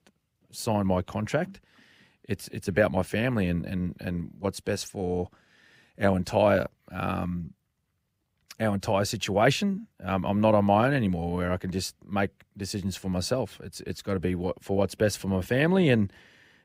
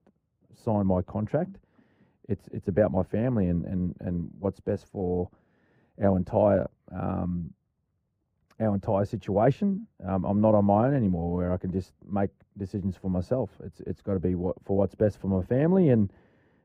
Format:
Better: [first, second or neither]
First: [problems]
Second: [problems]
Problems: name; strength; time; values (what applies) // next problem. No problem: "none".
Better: first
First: none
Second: muffled; very; fading above 1.5 kHz